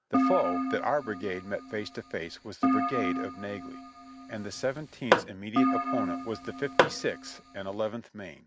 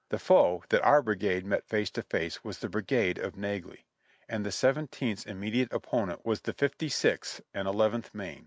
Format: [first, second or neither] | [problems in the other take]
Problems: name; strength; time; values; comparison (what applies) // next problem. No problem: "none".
second | background sound (Keyboard (musical) + Tap / Hammer); 3 dB above the speech